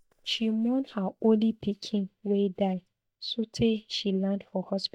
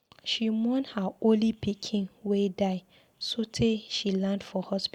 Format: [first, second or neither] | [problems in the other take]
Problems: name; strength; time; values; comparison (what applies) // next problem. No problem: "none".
second | noise reduction (neural mask model DeepFilterNet 3)